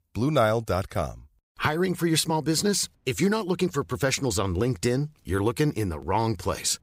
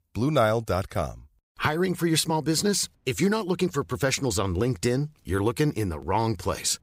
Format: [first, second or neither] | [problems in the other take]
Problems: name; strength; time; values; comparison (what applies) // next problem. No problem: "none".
neither | none